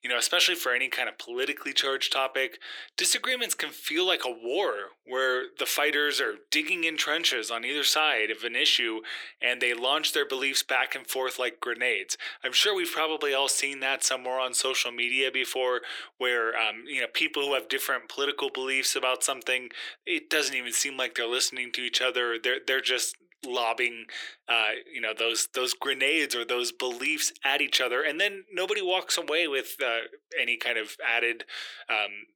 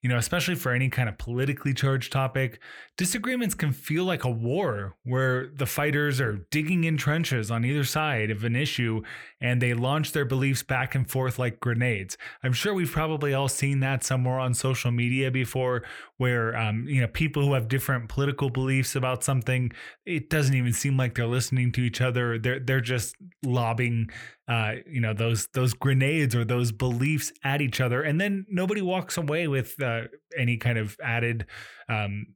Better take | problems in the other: second | thin; very; fading below 350 Hz

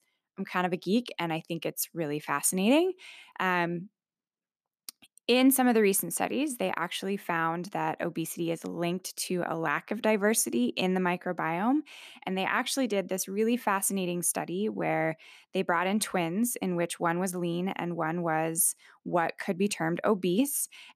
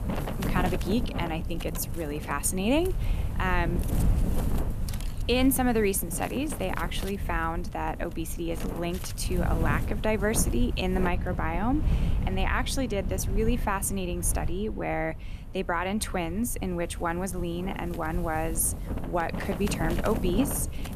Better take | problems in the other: first | wind noise on the microphone; heavy; 10 dB below the speech

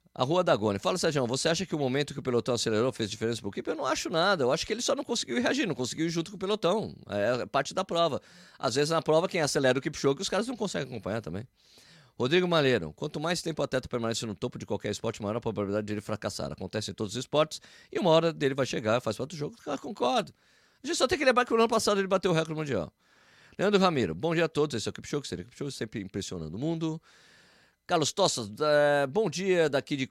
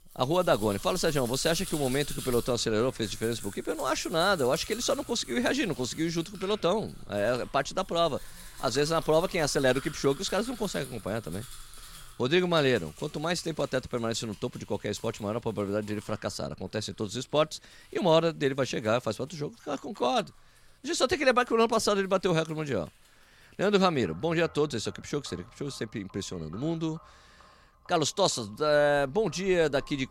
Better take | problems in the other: first | household noises; noticeable; throughout; 15 dB below the speech

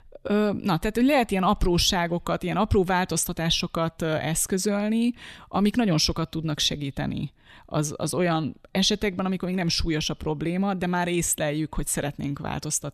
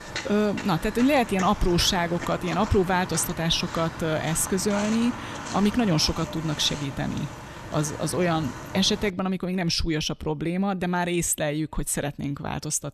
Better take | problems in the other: first | footsteps; noticeable; until 9 s; peak 7 dB below the speech

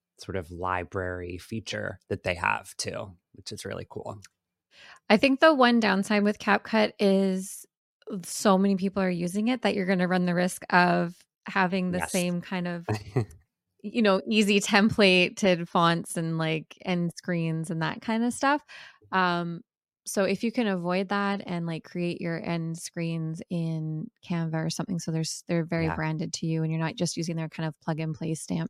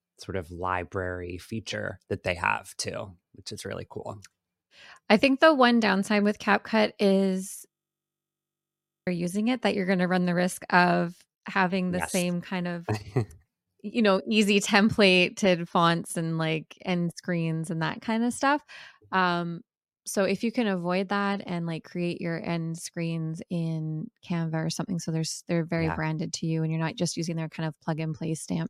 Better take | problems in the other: first | audio freezing; at 7.5 s for 1.5 s

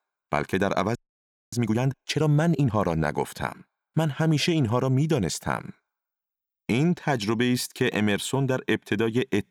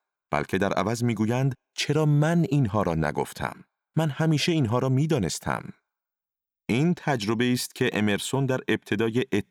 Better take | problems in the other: second | audio freezing; at 1 s for 0.5 s

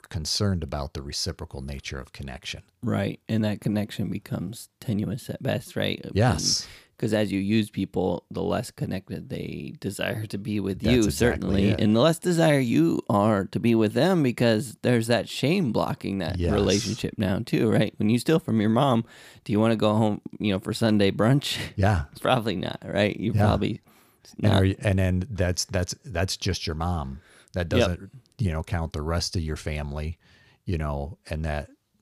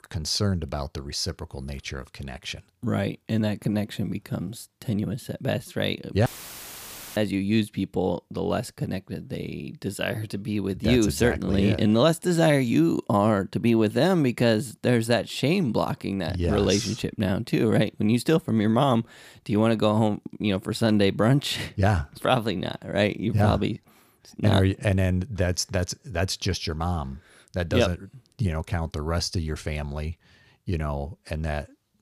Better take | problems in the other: first | audio cutting out; filled with static; at 6.5 s for 1 s

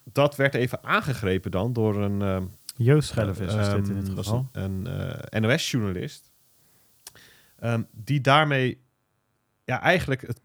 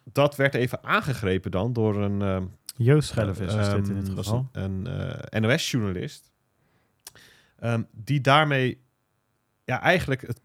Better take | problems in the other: second | hiss; faint; until 8 s; 30 dB below the speech

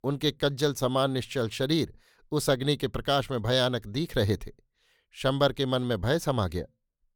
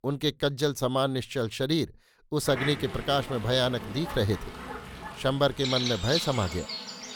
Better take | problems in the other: first | animal sounds; loud; from 2.5 s on; 7 dB below the speech

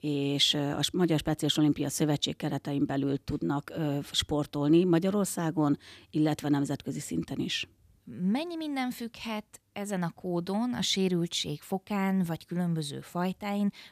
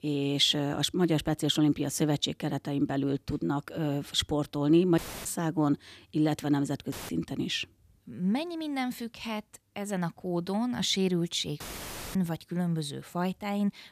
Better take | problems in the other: first | audio cutting out; filled with static; at 5 s, at 7 s and at 12 s for 0.5 s

